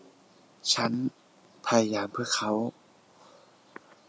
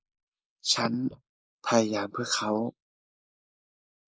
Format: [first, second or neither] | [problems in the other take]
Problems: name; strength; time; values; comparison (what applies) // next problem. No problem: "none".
first | noise reduction (neural mask model Resemble Enhance denoiser)